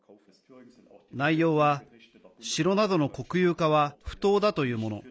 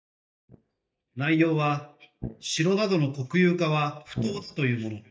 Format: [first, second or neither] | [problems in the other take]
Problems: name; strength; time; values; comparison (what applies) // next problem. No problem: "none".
first | noise reduction (neural mask model DeepFilterNet 3)